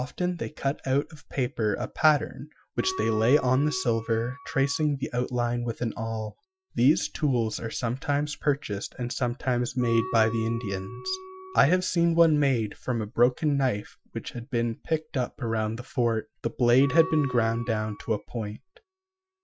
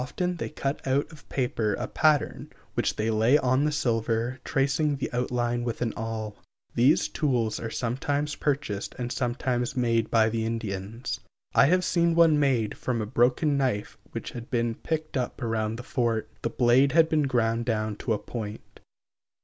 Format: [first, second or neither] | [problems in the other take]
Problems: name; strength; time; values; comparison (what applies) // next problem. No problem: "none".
second | noise reduction (classical method Wiener filter)